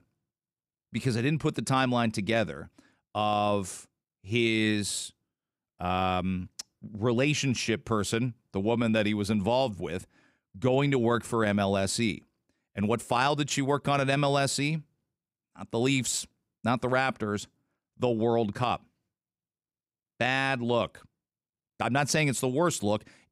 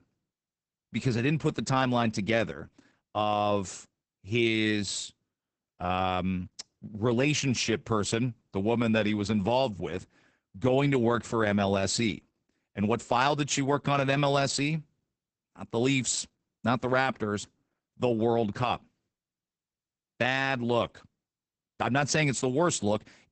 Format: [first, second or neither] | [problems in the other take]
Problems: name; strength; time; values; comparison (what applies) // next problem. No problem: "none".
first | garbled, watery; badly; nothing above 8 kHz